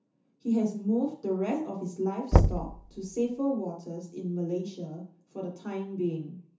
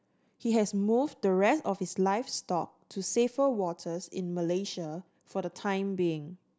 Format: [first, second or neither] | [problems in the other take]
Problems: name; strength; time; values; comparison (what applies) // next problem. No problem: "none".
second | background sound (Knock / Wood); 3 dB above the speech // room echo; dies away in 0.9 s